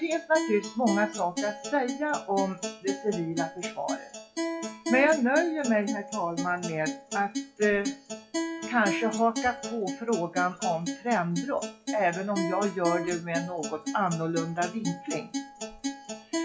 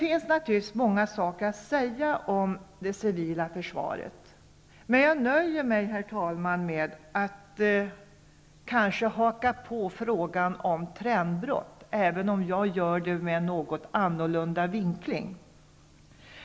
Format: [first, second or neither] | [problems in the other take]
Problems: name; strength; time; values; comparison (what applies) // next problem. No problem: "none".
second | noise reduction (classical method WPE with log-MMSE)